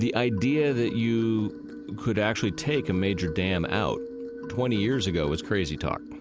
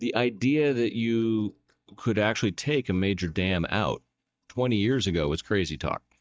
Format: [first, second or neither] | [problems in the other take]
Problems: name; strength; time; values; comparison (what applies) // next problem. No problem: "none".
first | noise reduction (neural mask model DeepFilterNet 3)